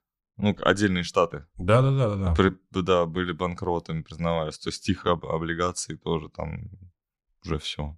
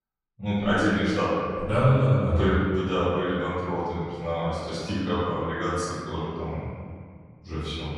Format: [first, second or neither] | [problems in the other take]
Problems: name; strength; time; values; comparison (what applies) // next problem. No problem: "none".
first | room echo; strong; dies away in 1.9 s // off-mic speech; far